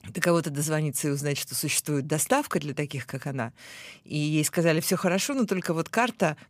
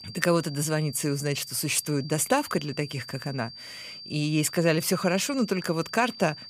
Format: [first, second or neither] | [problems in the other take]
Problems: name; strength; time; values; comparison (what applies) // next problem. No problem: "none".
first | high-pitched whine; noticeable; throughout; 4.5 kHz, 15 dB below the speech